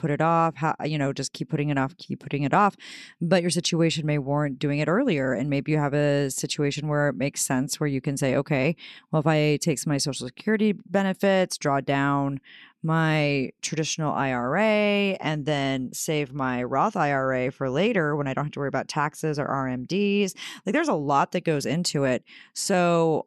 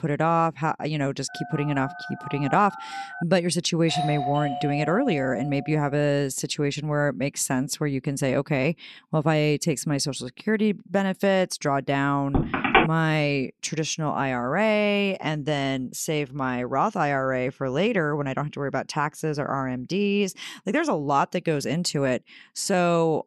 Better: first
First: none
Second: phone ringing; faint; from 1.5 to 3 s; peak 10 dB below the speech // doorbell; noticeable; from 4 to 6 s; peak 3 dB below the speech // phone ringing; loud; at 12 s; peak 5 dB above the speech

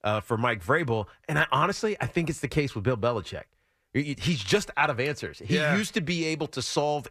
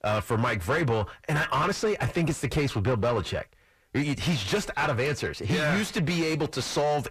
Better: first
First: none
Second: distortion; heavy; 6 dB below the speech

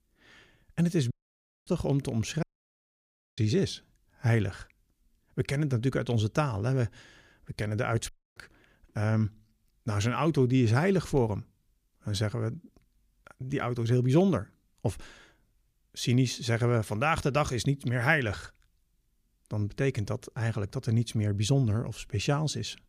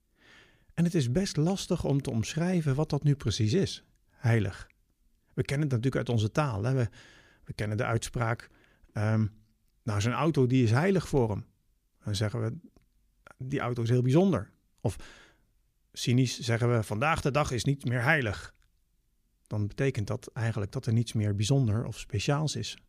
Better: second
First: audio cutting out; at 1 s for 0.5 s, at 2.5 s for 1 s and at 8 s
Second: none

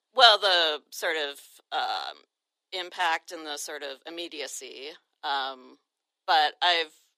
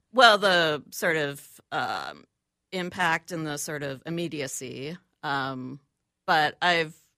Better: second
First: thin; very; fading below 350 Hz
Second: none

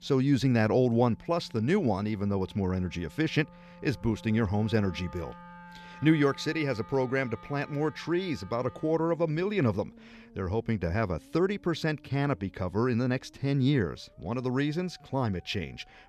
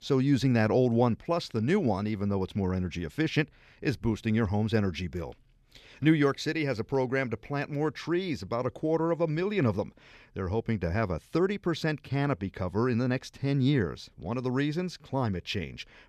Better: second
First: background music; faint; throughout; 25 dB below the speech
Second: none

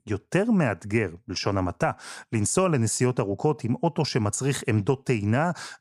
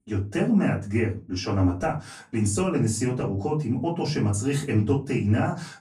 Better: first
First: none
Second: off-mic speech; far // room echo; very slight; dies away in 0.3 s

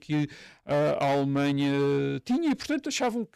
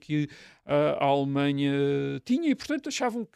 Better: second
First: distortion; slight; 13% of the sound clipped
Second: none

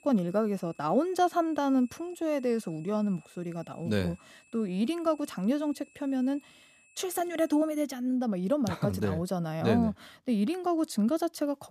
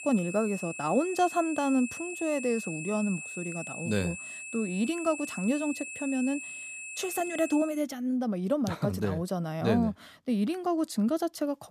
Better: first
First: high-pitched whine; faint; until 7.5 s; 2.5 kHz, 30 dB below the speech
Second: high-pitched whine; loud; until 7.5 s; 2.5 kHz, 8 dB below the speech

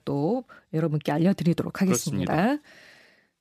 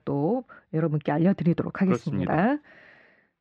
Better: first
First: none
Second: muffled; very; fading above 2 kHz

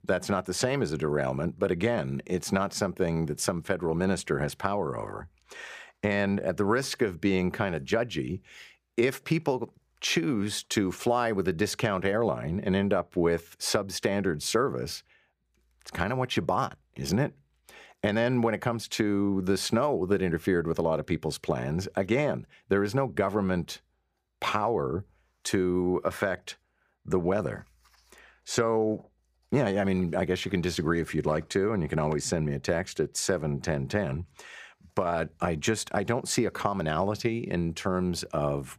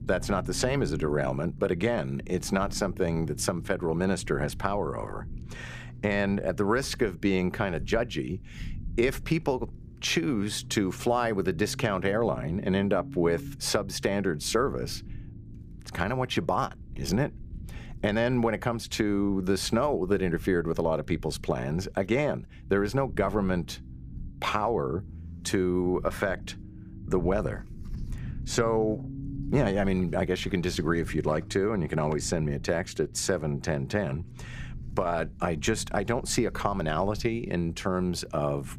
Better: first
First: none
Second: low rumble; faint; throughout; 25 dB below the speech

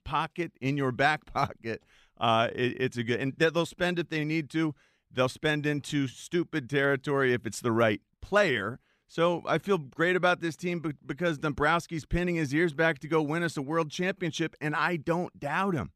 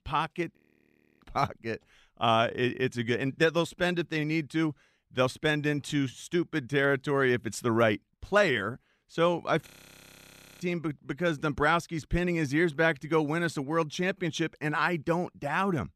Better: first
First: none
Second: audio freezing; at 0.5 s for 0.5 s and at 9.5 s for 1 s

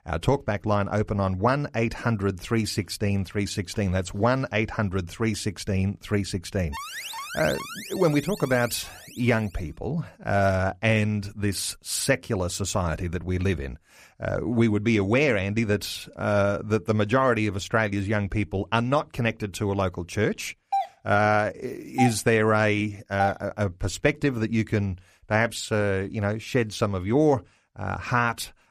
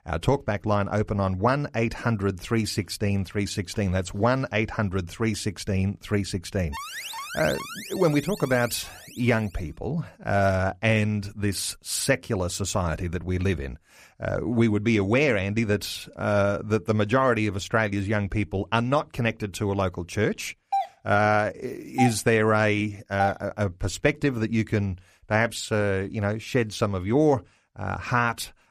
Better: neither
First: alarm; noticeable; from 6.5 to 9.5 s; peak 8 dB below the speech // doorbell; noticeable; from 21 to 23 s; peak 3 dB below the speech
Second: alarm; noticeable; from 6.5 to 9.5 s; peak 8 dB below the speech // doorbell; noticeable; from 21 to 23 s; peak 3 dB below the speech

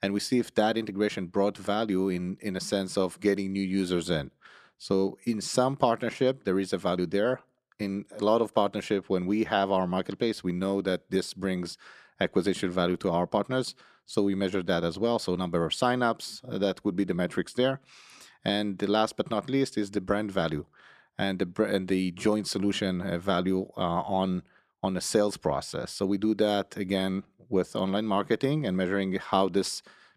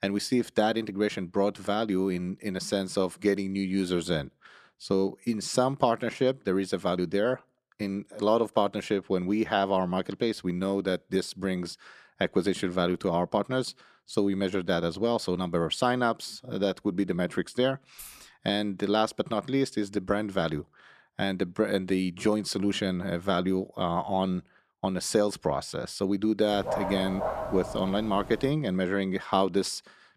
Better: first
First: none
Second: jangling keys; faint; at 18 s; peak 15 dB below the speech // dog barking; noticeable; from 27 to 29 s; peak 3 dB below the speech

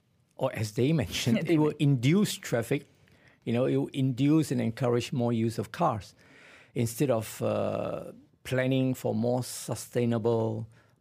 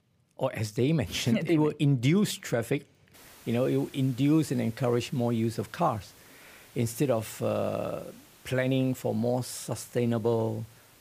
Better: first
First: none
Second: hiss; faint; from 3 s on; 25 dB below the speech

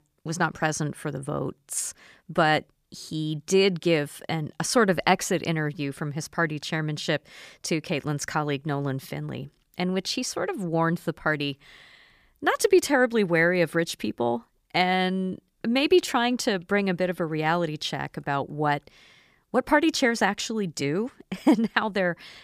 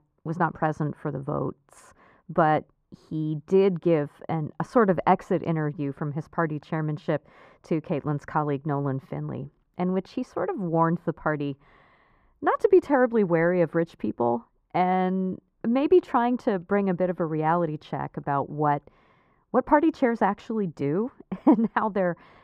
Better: first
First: none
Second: muffled; very; fading above 2.5 kHz

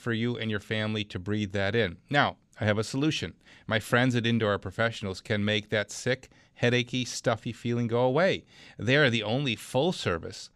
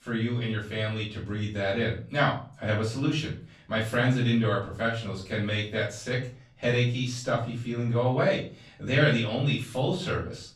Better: first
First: none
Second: off-mic speech; far // room echo; noticeable; dies away in 0.4 s

